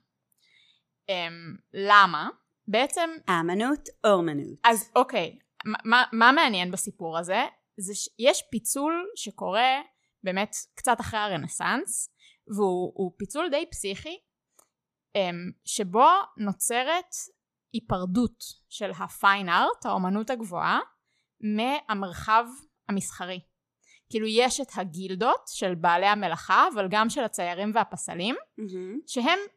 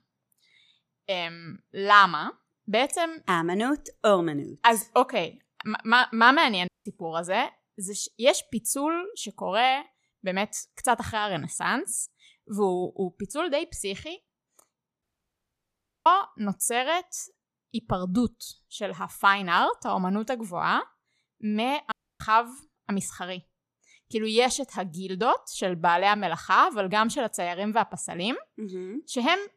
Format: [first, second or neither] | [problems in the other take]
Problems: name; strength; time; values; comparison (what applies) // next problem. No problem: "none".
first | audio cutting out; at 6.5 s, at 15 s for 1 s and at 22 s